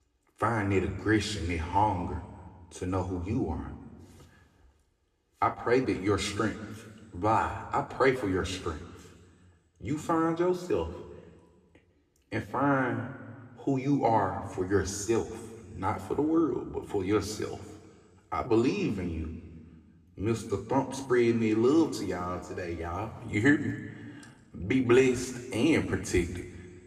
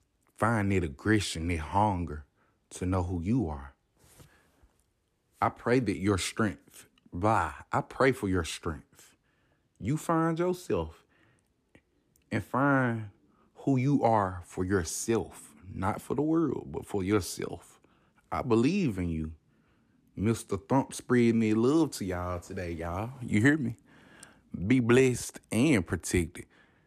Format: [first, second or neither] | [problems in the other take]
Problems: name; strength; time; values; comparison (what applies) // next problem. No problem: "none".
second | room echo; slight; dies away in 1.4 s